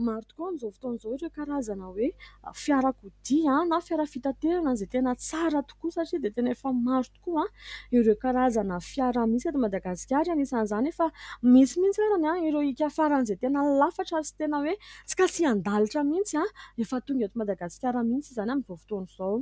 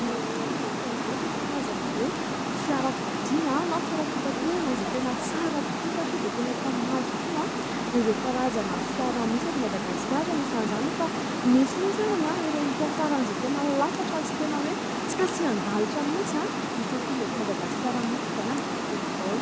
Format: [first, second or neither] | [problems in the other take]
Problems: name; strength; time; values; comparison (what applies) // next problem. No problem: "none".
first | background sound (Water); as loud as the speech